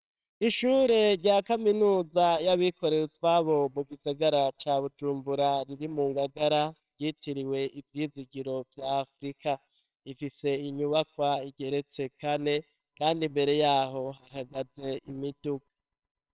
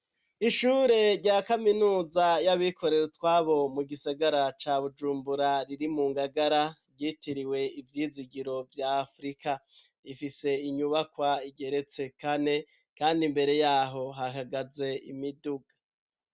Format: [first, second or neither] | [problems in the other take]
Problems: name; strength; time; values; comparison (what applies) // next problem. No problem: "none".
second | noise reduction (neural separator model SepFormer WHAMR!)